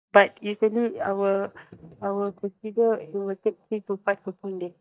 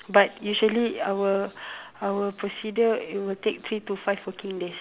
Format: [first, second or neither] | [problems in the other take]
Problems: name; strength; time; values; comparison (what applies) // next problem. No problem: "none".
second | noise reduction (neural mask model DeepFilterNet 3)